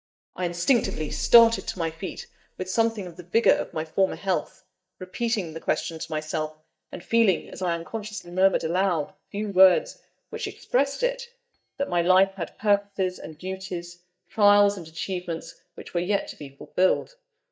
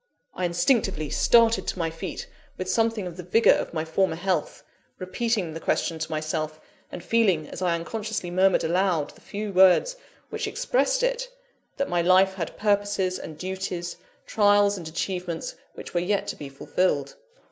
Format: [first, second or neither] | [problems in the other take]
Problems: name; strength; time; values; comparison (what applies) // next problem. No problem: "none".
second | noise reduction (neural mask model DeepFilterNet 3)